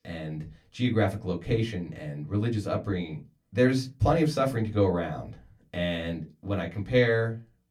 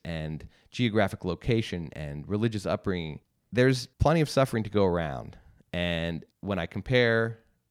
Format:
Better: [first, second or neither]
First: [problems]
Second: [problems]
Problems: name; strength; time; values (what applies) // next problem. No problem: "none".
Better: second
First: off-mic speech; far // room echo; very slight; dies away in 0.2 s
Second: none